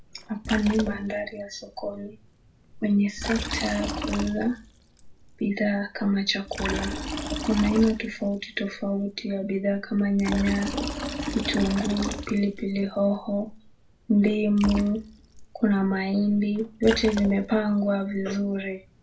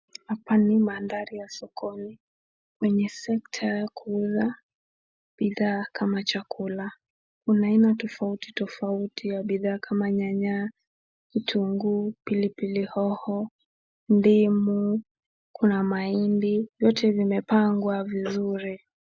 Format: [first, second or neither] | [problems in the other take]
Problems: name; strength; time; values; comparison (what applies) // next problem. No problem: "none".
second | background sound (Liquid); 9 dB below the speech // room echo; dies away in 0.2 s